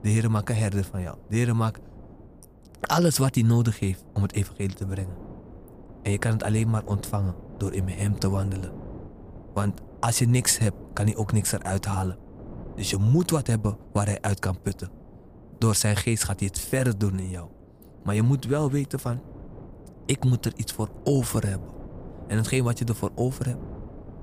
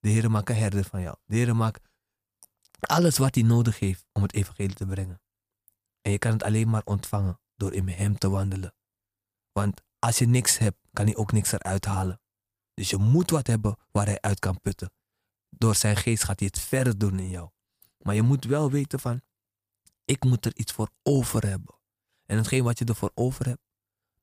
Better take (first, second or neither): second